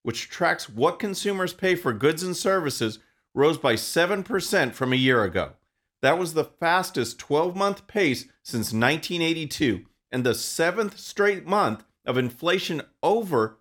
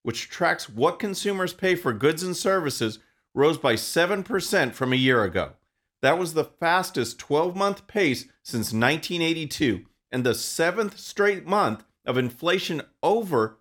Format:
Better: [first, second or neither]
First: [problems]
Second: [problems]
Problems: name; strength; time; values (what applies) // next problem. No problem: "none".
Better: neither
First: none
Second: none